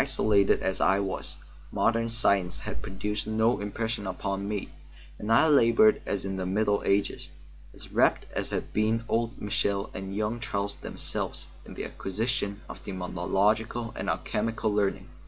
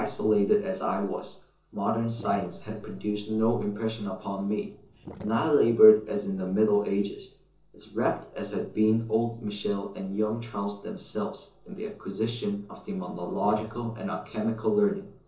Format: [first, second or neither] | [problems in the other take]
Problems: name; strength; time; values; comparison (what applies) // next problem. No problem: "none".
first | noise reduction (neural separator model SepFormer DNS4)